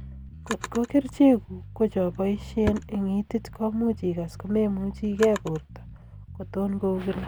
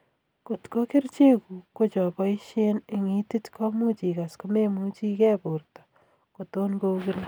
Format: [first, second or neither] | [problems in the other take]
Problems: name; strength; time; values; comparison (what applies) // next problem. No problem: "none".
second | background sound (Bass guitar + Drawer open or close); 13 dB below the speech